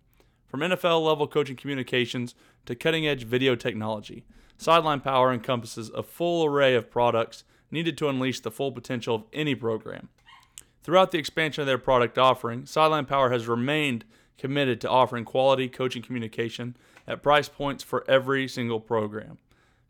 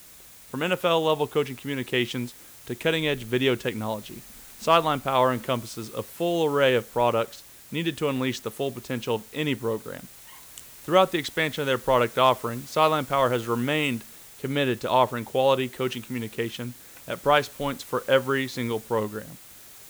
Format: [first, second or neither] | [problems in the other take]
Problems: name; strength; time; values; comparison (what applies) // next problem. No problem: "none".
first | hiss; noticeable; throughout; 20 dB below the speech